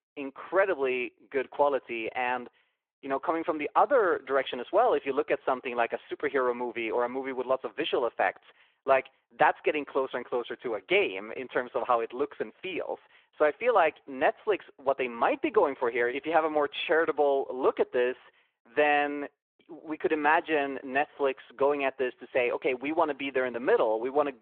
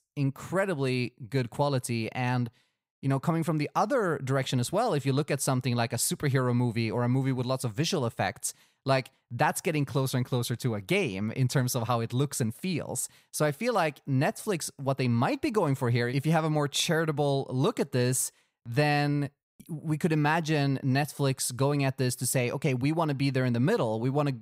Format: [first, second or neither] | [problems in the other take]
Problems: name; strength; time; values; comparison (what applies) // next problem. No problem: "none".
second | phone-call audio; nothing above 3.5 kHz